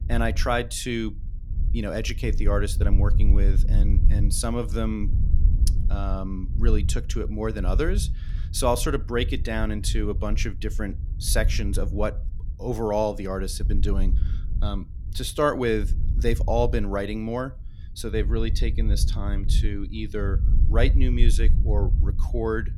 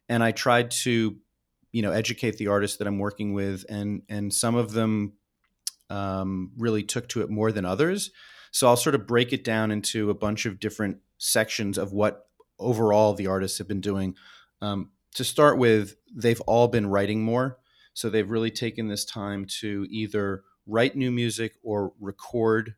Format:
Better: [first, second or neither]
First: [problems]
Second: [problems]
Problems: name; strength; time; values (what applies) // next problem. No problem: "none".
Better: second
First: low rumble; noticeable; throughout; 15 dB below the speech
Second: none